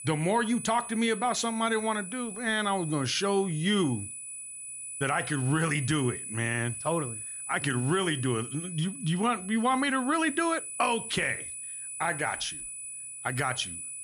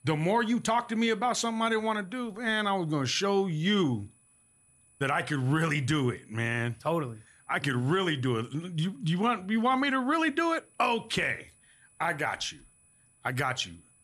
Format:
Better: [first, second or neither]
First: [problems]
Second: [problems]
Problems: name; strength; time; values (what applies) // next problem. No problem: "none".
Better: second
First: high-pitched whine; loud; throughout; 10 kHz, 8 dB below the speech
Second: high-pitched whine; faint; throughout; 10 kHz, 30 dB below the speech